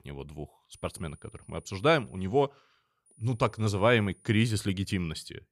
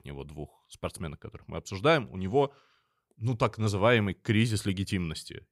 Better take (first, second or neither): second